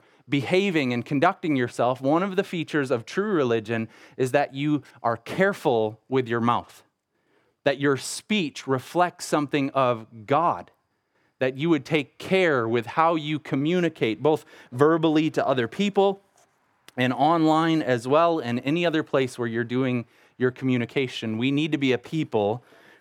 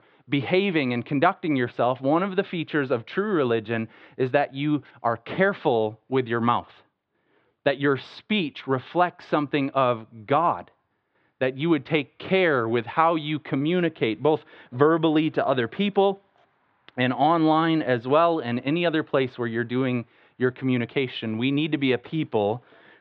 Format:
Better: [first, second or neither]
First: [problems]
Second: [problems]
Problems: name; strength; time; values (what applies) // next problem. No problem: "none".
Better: first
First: none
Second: muffled; slightly; fading above 3.5 kHz